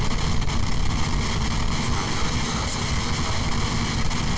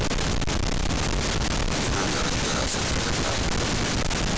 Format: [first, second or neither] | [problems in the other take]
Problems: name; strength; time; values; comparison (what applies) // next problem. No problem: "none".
second | room echo; dies away in 1.5 s